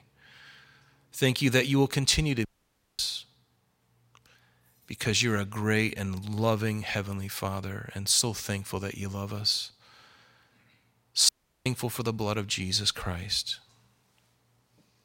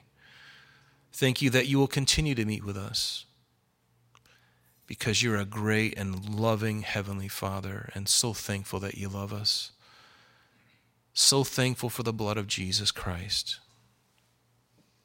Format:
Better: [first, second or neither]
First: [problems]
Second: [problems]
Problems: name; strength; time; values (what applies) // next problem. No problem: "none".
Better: second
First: audio cutting out; at 2.5 s for 0.5 s and at 11 s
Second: none